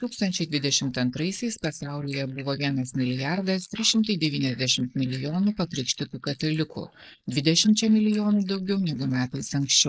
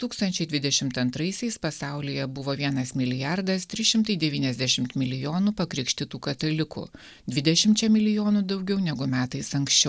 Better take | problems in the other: second | noise reduction (neural mask model Resemble Enhance denoiser)

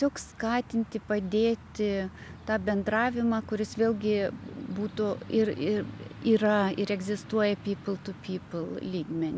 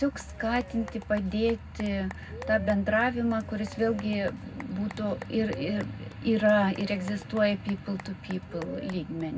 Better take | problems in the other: first | background sound (Applause / Cheering / Clapping); 16 dB below the speech // room echo; dies away in 0.3 s

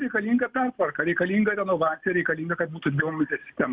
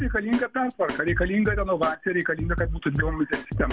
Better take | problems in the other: first | background sound (Drum kit); 6 dB below the speech

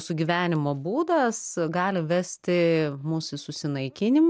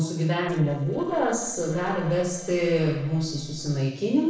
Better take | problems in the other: first | noise reduction (neural separator model SepFormer DNS4)

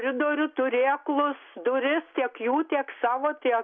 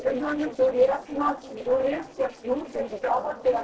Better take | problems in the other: first | noise reduction (neural separator model SepFormer DNS4)

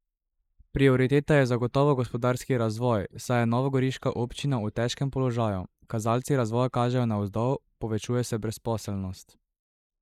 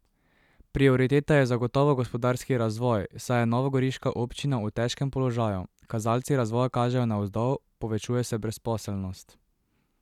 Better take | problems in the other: second | noise reduction (neural mask model Resemble Enhance denoiser)

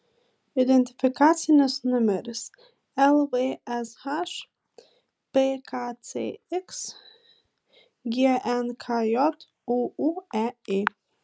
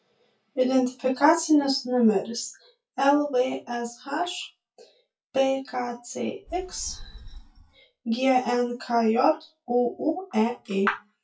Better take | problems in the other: first | noise reduction (classical method WPE with log-MMSE)

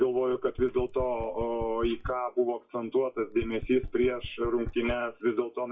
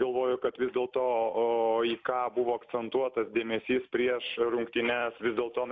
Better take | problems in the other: second | noise reduction (classical method WPE with log-MMSE)

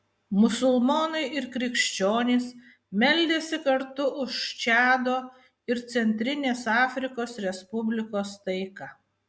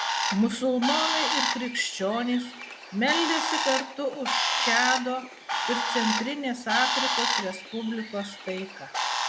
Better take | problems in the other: first | background sound (Bird); as loud as the speech

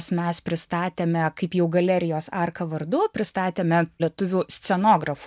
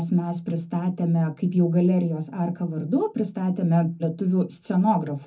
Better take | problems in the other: first | room echo; dies away in 0.3 s

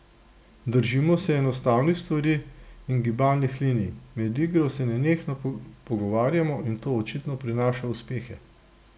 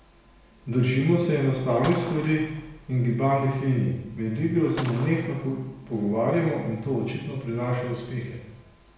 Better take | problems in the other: first | background sound (Gunshot, gunfire); 16 dB below the speech // room echo; dies away in 0.9 s

